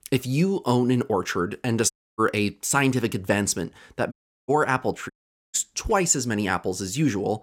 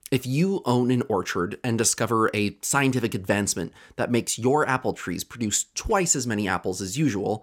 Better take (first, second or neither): second